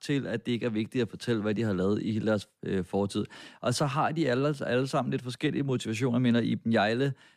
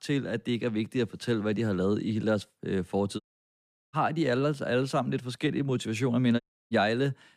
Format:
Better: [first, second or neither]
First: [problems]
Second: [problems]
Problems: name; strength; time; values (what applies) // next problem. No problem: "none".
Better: first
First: none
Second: audio cutting out; at 3 s for 0.5 s and at 6.5 s